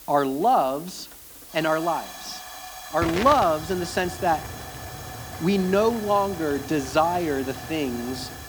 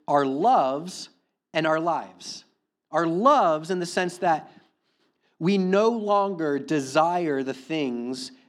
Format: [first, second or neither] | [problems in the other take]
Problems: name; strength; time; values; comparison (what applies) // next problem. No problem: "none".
second | hiss; noticeable; throughout; 10 dB below the speech